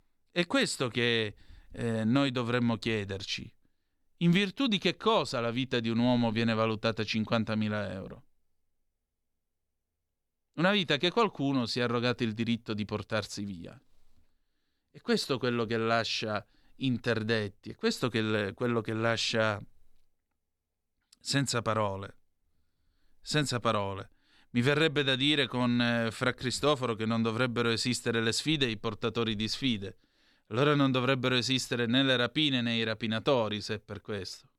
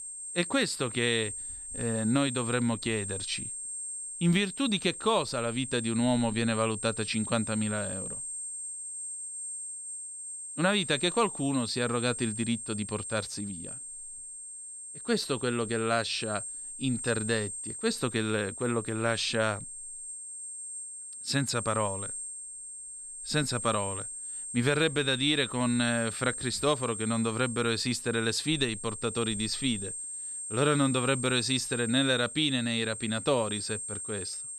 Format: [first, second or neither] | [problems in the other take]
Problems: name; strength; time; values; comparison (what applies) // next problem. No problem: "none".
first | high-pitched whine; loud; throughout; 8.5 kHz, 7 dB below the speech